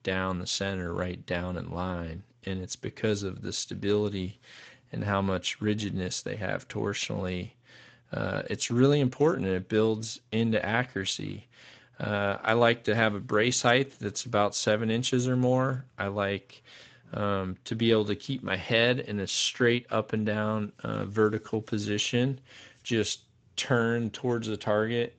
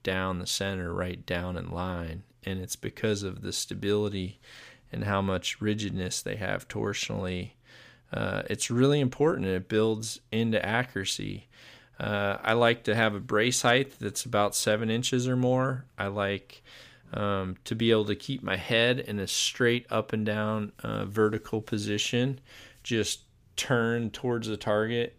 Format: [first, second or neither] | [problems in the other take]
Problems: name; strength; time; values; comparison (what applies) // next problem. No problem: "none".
second | garbled, watery; slightly; nothing above 7.5 kHz